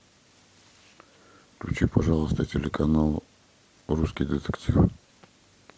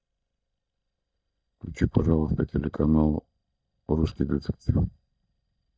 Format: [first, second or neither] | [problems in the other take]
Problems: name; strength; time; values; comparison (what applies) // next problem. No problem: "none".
first | noise reduction (neural mask model DeepFilterNet 3)